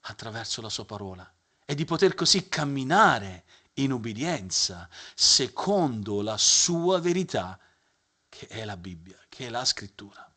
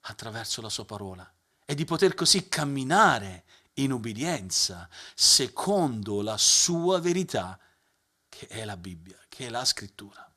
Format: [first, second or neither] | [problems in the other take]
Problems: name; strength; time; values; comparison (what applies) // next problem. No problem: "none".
second | garbled, watery; slightly